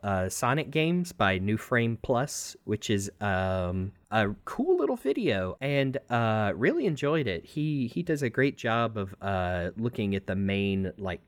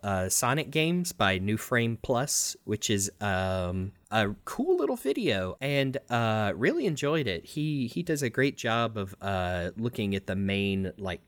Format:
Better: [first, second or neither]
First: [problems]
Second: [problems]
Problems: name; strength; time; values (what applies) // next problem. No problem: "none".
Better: second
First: muffled; slightly; fading above 3.5 kHz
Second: none